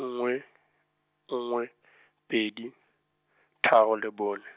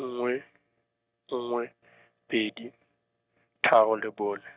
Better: first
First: none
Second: noise reduction (neural mask model RNNoise)

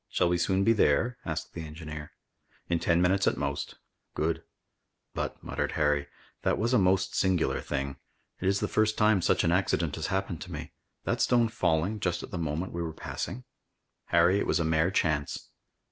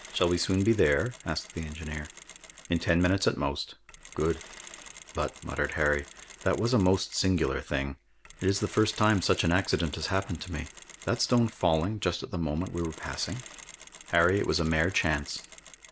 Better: first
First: none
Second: background sound (Mechanisms); 19 dB below the speech

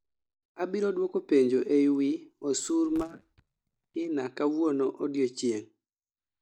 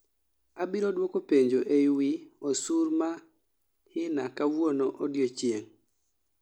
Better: second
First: noise reduction (neural mask model DeepFilterNet 3)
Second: none

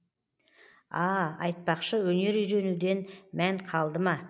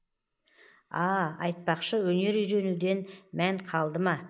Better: first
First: none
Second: noise reduction (neural mask model Resemble Enhance denoiser)

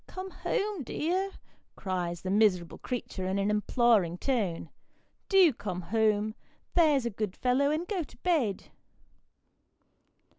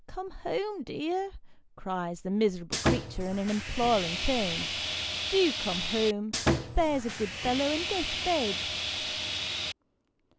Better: first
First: none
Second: background sound (Sawing); 1 dB below the speech

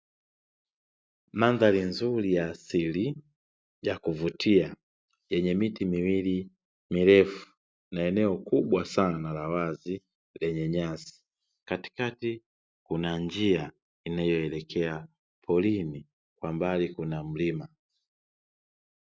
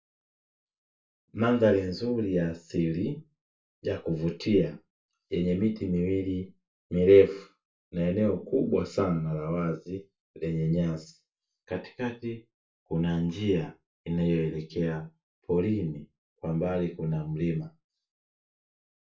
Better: first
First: none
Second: room echo; dies away in 0.2 s

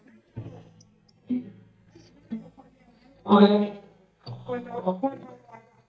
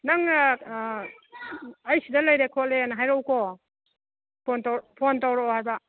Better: second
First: noise reduction (neural mask model DeepFilterNet 3)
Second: none

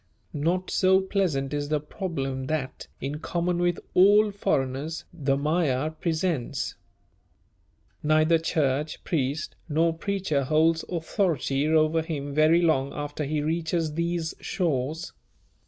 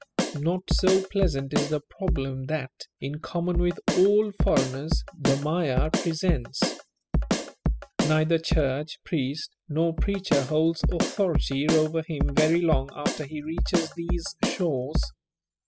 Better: first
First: none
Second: noise reduction (classical method spectral subtraction)

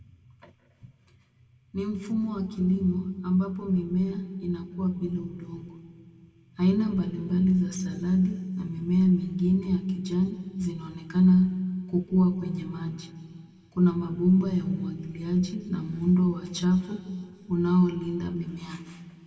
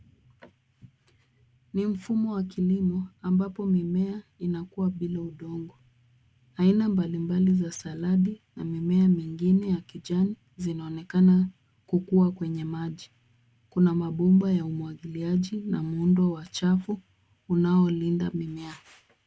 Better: second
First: room echo; dies away in 1.9 s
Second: none

